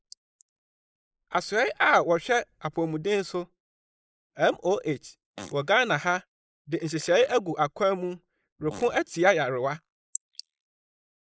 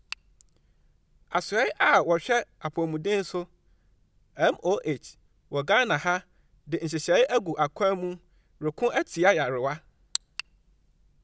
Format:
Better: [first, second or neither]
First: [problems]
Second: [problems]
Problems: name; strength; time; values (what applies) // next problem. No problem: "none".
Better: second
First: noise reduction (neural mask model Resemble Enhance denoiser)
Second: none